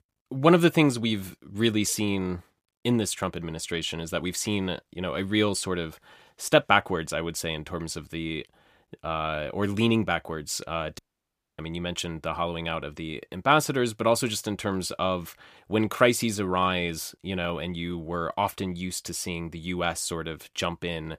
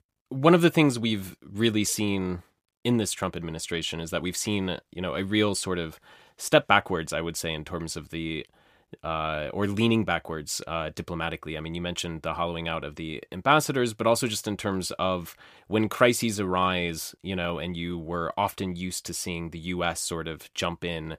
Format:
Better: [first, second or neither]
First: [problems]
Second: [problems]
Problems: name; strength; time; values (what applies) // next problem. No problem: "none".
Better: second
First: audio cutting out; at 11 s for 0.5 s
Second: none